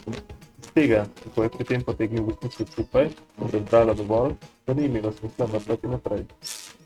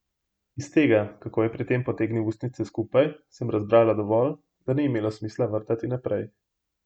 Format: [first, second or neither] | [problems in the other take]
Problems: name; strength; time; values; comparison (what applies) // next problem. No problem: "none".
second | noise reduction (neural mask model RNNoise)